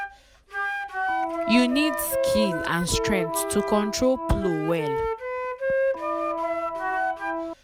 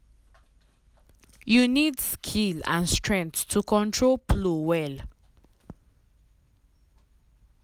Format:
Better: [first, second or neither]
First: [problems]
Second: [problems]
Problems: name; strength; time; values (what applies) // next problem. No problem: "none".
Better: second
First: background sound (Wind instrument, woodwind instrument + Organ); as loud as the speech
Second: none